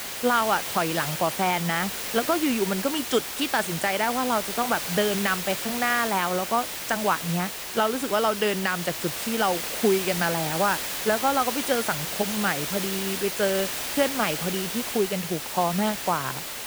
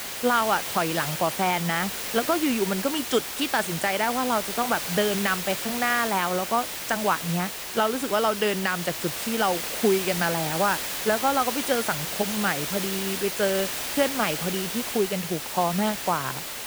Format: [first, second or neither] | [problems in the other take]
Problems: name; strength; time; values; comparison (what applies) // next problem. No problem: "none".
neither | hiss; loud; throughout; 3 dB below the speech; the same in both